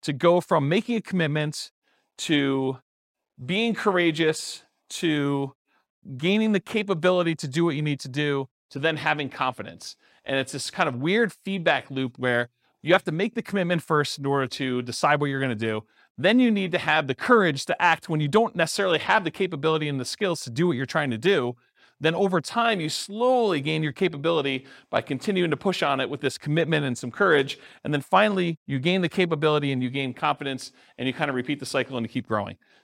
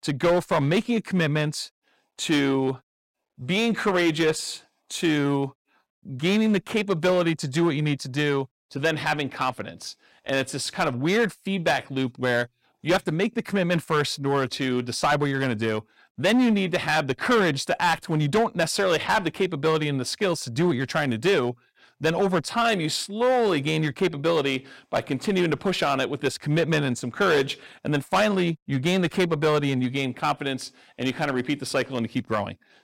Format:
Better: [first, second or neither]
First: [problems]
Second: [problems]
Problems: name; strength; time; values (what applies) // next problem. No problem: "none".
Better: first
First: none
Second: distortion; slight; 6% of the sound clipped